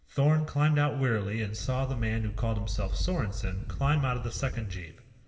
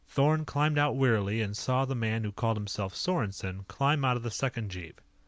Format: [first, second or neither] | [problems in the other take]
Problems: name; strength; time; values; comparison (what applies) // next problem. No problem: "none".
second | background sound (Thunder / Wind); 4 dB below the speech // room echo; dies away in 2.2 s